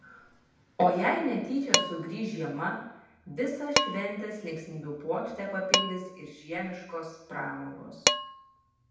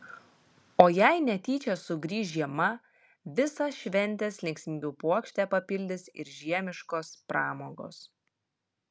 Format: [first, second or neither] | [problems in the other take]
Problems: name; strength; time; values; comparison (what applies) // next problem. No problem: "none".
second | background sound (Dishes, pots, and pans); 1 dB below the speech // room echo; dies away in 0.8 s